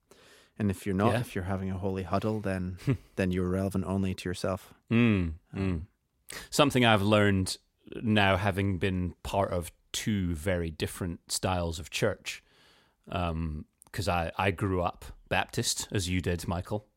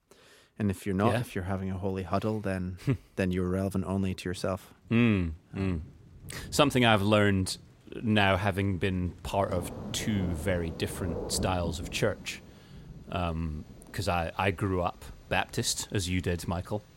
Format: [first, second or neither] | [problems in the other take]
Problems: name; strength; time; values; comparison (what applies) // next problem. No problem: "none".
first | rain or running water; noticeable; throughout; 15 dB below the speech